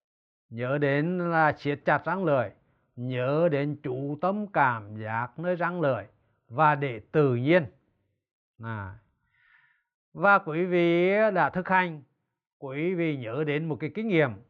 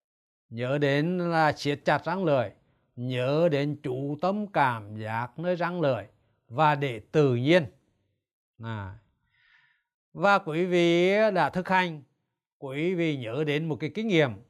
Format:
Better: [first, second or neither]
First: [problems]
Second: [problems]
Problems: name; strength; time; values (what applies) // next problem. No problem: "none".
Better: second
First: muffled; slightly; fading above 2 kHz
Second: none